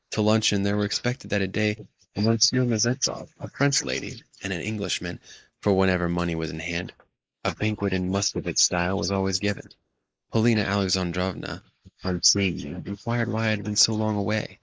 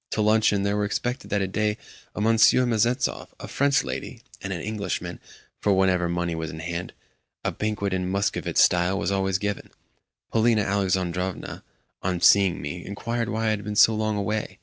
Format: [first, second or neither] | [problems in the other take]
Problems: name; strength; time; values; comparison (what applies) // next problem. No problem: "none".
second | noise reduction (neural mask model Resemble Enhance denoiser)